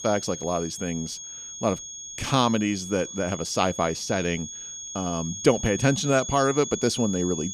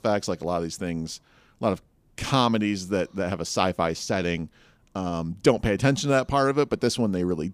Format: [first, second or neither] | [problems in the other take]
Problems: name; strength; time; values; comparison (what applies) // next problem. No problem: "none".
second | high-pitched whine; loud; throughout; 6.5 kHz, 9 dB below the speech